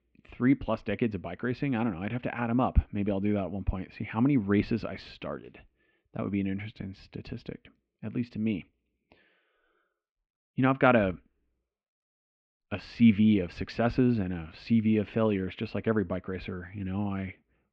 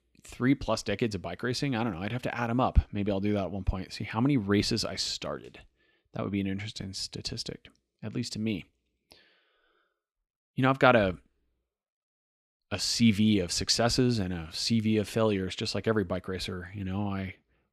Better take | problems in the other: second | muffled; very; fading above 2.5 kHz

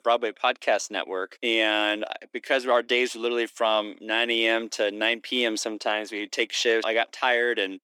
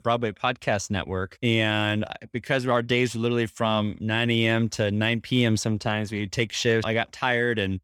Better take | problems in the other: second | thin; very; fading below 300 Hz

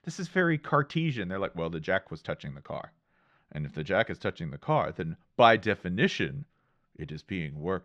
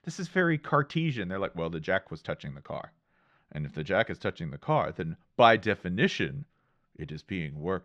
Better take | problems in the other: neither | muffled; slightly; fading above 3.5 kHz; the same in both

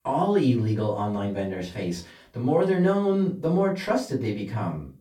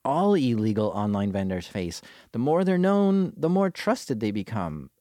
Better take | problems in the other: second | off-mic speech; far // room echo; very slight; dies away in 0.3 s

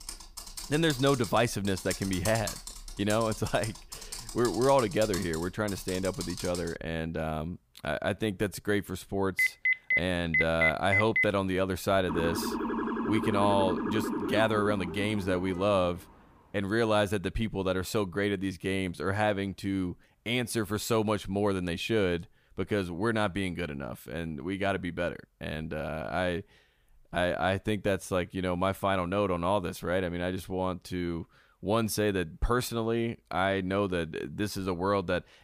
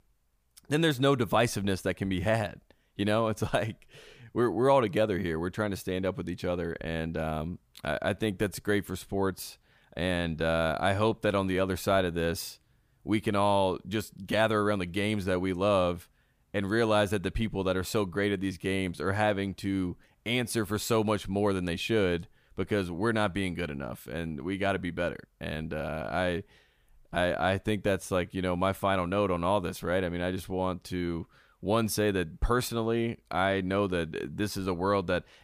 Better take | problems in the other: second | keyboard typing; noticeable; until 6.5 s; peak 5 dB below the speech // phone ringing; loud; from 9.5 to 11 s; peak 5 dB above the speech // siren; noticeable; from 12 to 16 s; peak 1 dB below the speech

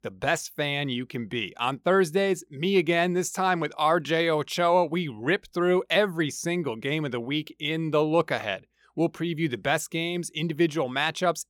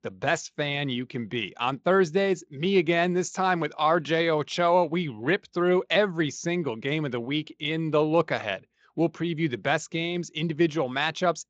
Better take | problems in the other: first | garbled, watery; slightly; nothing above 7.5 kHz

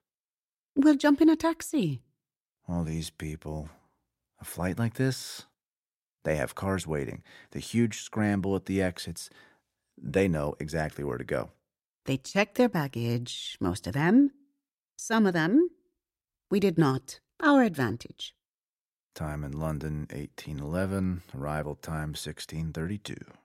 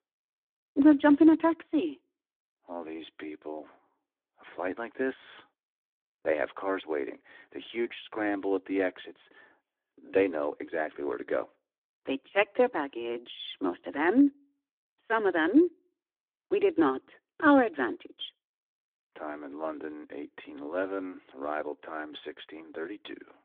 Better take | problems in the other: first | phone-call audio; nothing above 3.5 kHz

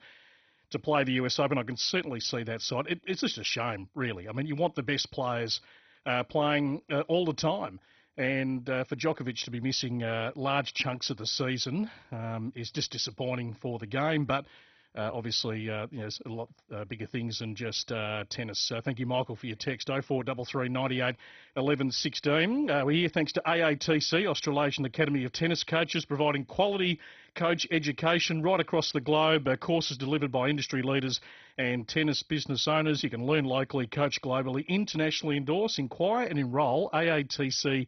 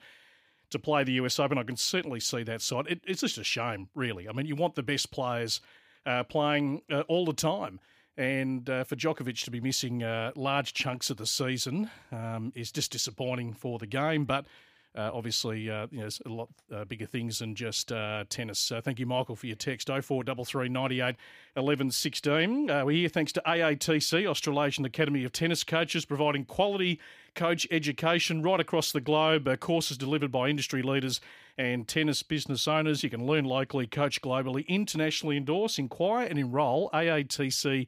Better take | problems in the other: second | garbled, watery; badly; nothing above 6 kHz

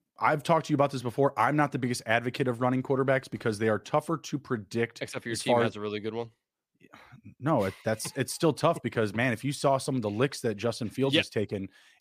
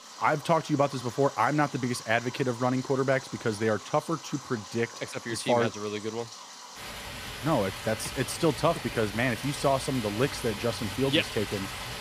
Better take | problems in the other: first | rain or running water; noticeable; throughout; 10 dB below the speech

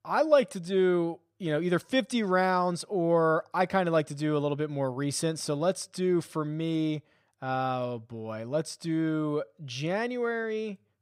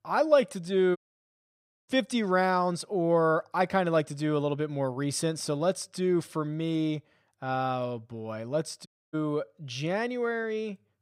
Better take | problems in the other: first | audio cutting out; at 1 s for 1 s and at 9 s

